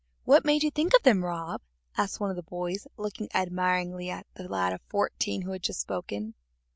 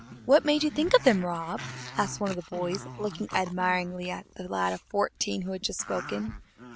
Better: first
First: none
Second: background sound (Growling); 14 dB below the speech

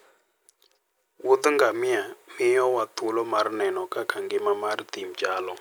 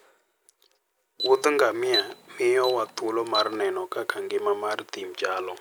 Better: first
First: none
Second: background sound (Alarm); 9 dB below the speech

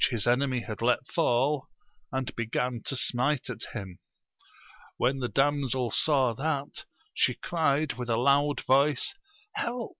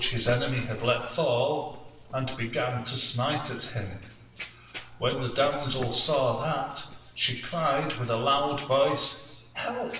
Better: first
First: none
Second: background sound (Run); 19 dB below the speech // room echo; dies away in 1 s

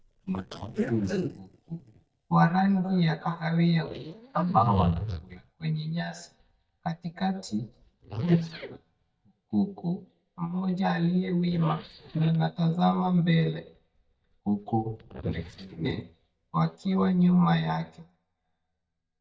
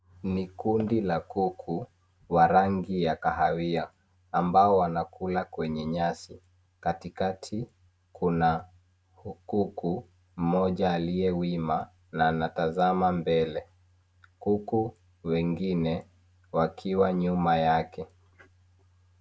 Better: second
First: noise reduction (neural mask model DeepFilterNet 3)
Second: none

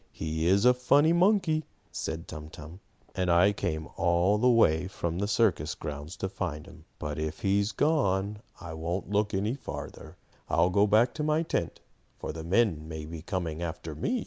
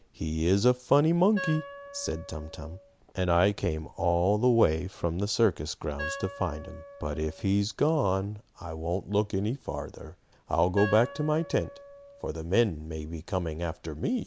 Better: first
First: none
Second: background sound (Wind instrument, woodwind instrument); 14 dB below the speech

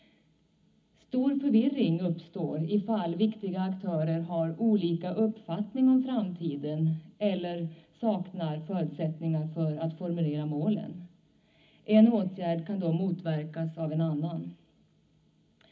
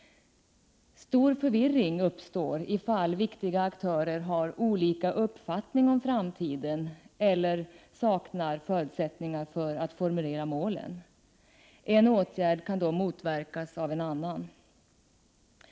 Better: second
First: room echo; dies away in 0.4 s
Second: none

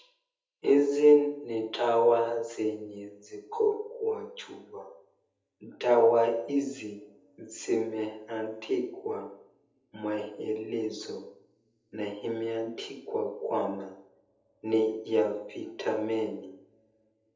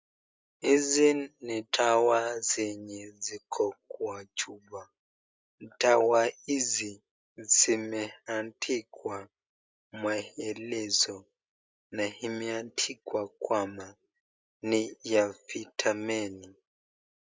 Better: second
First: room echo; dies away in 0.7 s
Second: none

